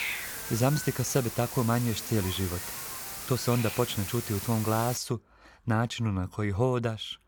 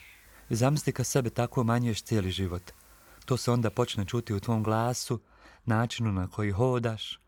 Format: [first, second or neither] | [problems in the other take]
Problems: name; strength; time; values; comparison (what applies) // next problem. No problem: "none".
second | hiss; loud; until 5 s; 6 dB below the speech; faint in the second